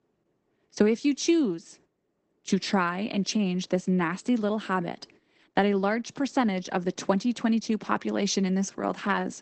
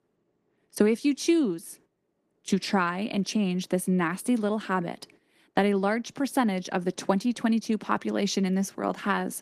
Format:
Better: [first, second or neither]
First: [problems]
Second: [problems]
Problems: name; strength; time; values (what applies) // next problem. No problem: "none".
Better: second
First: garbled, watery; badly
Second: garbled, watery; slightly